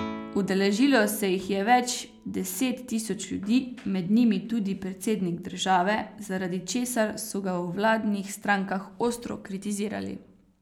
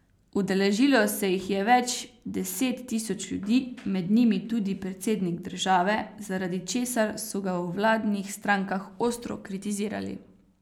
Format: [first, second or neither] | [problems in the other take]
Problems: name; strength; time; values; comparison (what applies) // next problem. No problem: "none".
second | background sound (Guitar); 20 dB below the speech